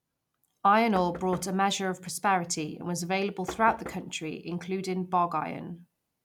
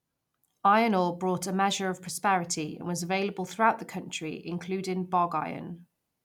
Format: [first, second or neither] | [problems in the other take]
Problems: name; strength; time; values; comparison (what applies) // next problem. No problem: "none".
second | background sound (Knock); 15 dB below the speech